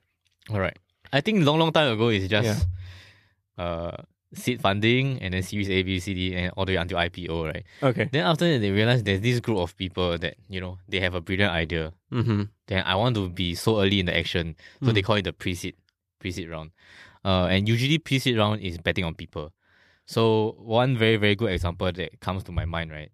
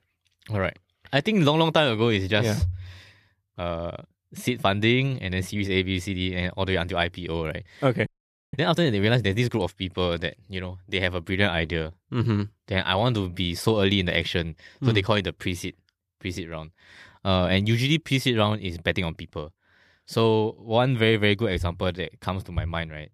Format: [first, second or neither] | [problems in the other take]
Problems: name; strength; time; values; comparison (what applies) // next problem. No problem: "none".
first | audio freezing; at 8 s